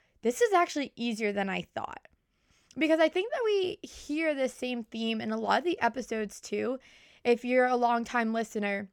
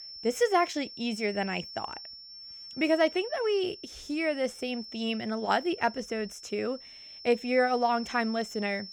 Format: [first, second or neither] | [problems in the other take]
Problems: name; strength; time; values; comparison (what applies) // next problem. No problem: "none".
first | high-pitched whine; noticeable; throughout; 5.5 kHz, 15 dB below the speech